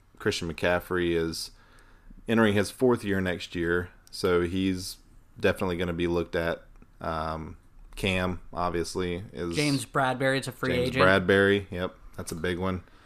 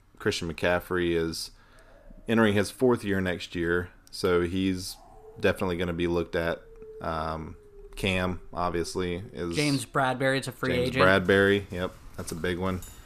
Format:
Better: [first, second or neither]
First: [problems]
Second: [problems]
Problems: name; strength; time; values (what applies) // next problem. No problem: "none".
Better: first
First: none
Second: animal sounds; faint; throughout; 25 dB below the speech